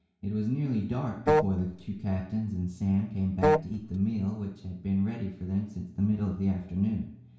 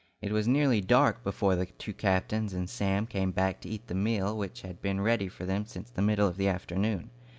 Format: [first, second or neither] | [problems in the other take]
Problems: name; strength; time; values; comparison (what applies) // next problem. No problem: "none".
second | background sound (Wind instrument, woodwind instrument); 2 dB above the speech // room echo; dies away in 0.6 s